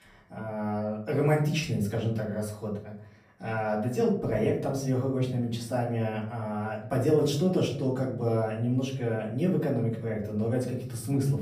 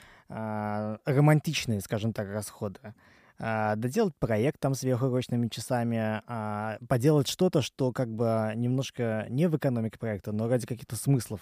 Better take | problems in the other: second | off-mic speech; far // room echo; slight; dies away in 0.5 s

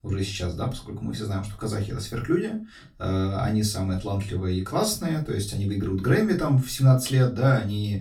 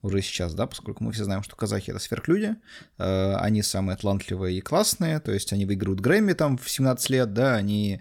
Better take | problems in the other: second | off-mic speech; far // room echo; very slight; dies away in 0.2 s

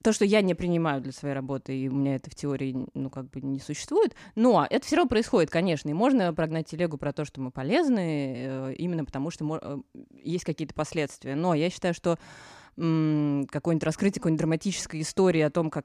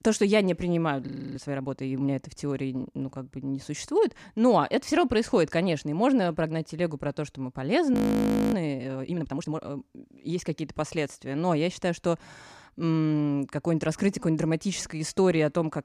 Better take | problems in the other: first | audio freezing; at 1 s and at 8 s for 0.5 s

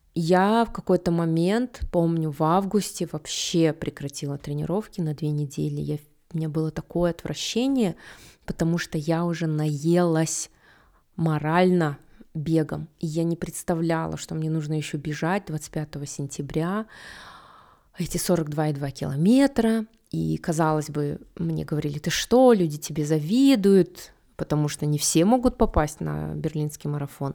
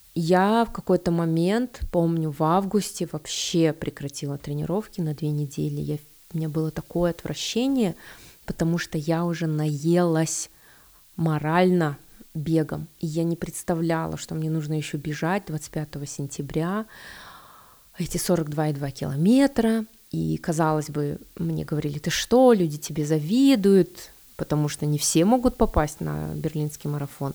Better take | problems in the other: first | hiss; faint; throughout; 25 dB below the speech

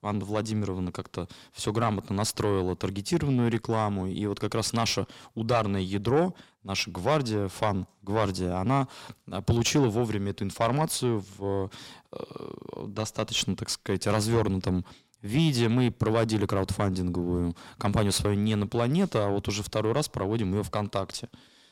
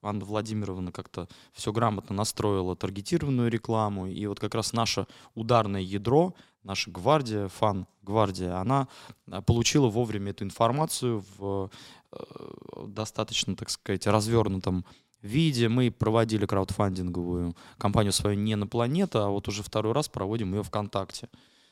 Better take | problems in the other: second | distortion; slight; 10 dB below the speech

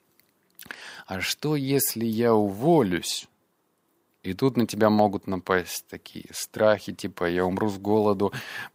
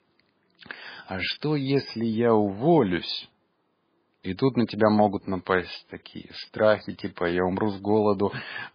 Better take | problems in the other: first | garbled, watery; badly; nothing above 5 kHz

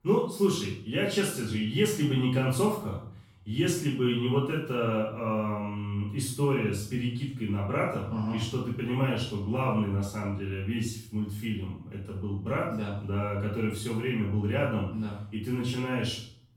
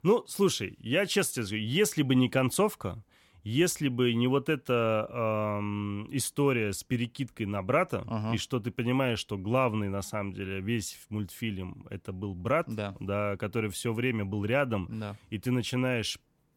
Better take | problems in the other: second | off-mic speech; far // room echo; noticeable; dies away in 0.5 s

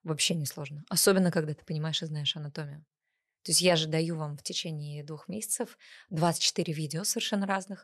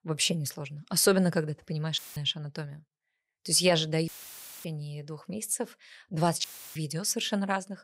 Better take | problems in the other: first | audio cutting out; filled with static; at 2 s, at 4 s for 0.5 s and at 6.5 s

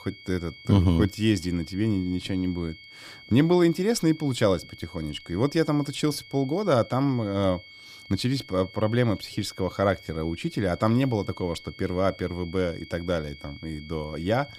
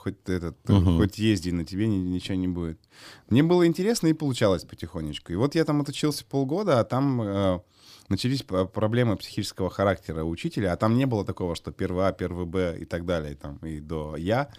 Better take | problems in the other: second | high-pitched whine; noticeable; throughout; 2 kHz, 20 dB below the speech

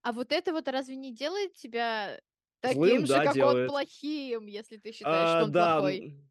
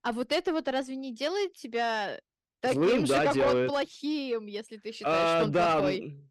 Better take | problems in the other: first | distortion; slight; 10 dB below the speech

